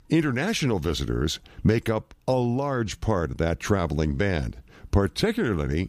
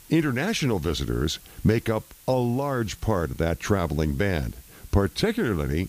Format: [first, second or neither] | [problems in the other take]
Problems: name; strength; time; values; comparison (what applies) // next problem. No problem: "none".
first | hiss; faint; throughout; 25 dB below the speech